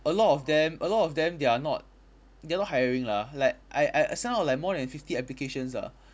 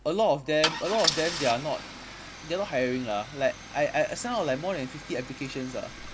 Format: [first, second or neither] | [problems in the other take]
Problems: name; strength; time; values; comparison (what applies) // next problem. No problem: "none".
first | background sound (Idling / Engine starting / Car); 7 dB below the speech